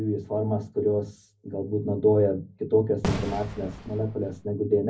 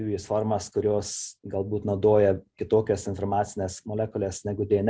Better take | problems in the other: second | background sound (Fireworks); 7 dB below the speech // room echo; dies away in 0.4 s

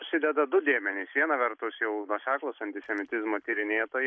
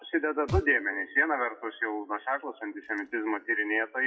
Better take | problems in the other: first | noise reduction (classical method WPE with log-MMSE)

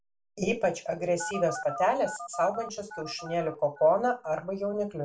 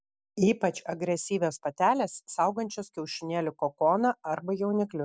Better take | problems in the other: second | background sound (Telephone); 12 dB below the speech // room echo; dies away in 0.2 s

